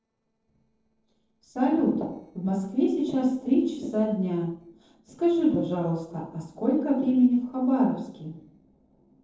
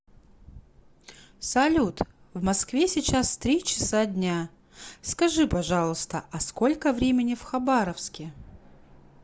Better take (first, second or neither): second